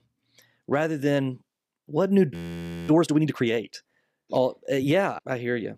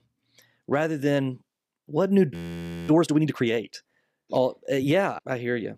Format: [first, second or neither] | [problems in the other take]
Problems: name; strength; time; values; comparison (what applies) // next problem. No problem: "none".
neither | audio freezing; at 2.5 s for 0.5 s; the same in both